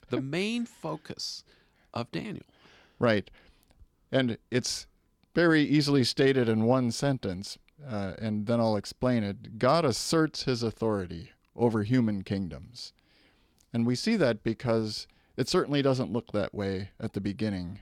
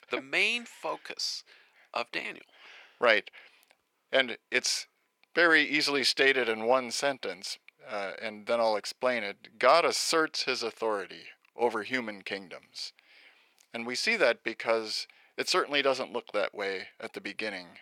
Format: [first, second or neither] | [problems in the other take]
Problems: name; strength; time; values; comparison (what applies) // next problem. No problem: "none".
first | thin; very; fading below 600 Hz